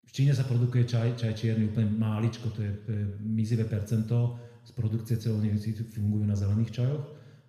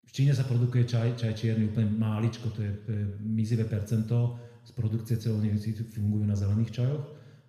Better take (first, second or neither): neither